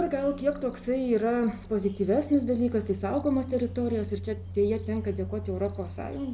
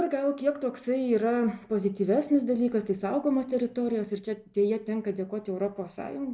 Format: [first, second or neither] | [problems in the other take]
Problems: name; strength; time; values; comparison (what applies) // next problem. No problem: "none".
second | background sound (Cricket); 11 dB below the speech